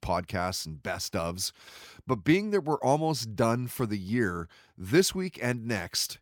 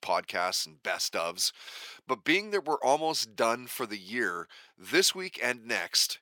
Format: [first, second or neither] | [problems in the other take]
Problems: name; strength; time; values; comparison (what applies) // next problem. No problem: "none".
first | thin; somewhat; fading below 450 Hz